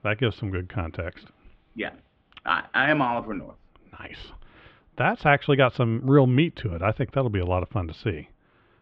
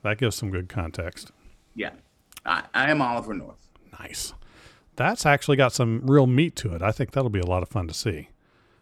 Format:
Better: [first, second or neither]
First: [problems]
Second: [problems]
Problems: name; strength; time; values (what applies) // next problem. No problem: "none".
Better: second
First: muffled; very; fading above 3.5 kHz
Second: none